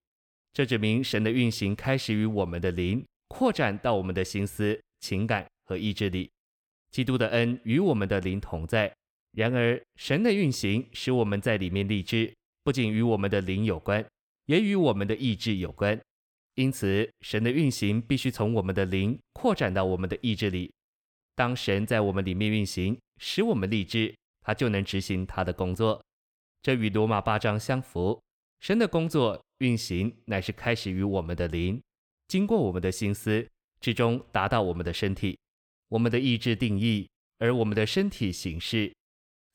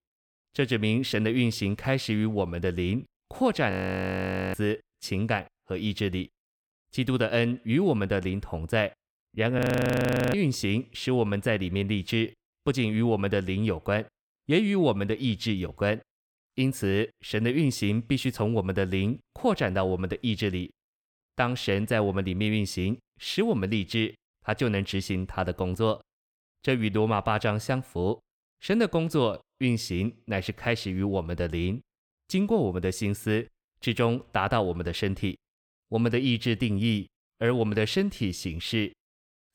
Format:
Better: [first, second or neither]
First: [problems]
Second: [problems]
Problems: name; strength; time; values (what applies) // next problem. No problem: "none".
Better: first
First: none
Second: audio freezing; at 3.5 s for 1 s and at 9.5 s for 0.5 s